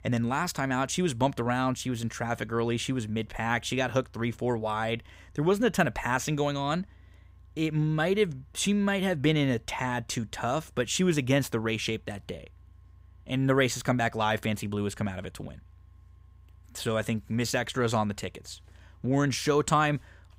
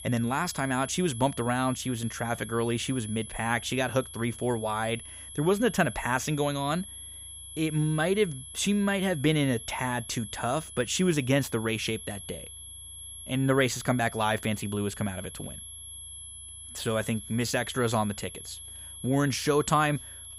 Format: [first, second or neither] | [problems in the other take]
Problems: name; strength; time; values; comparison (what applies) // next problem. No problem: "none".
first | high-pitched whine; noticeable; throughout; 11 kHz, 10 dB below the speech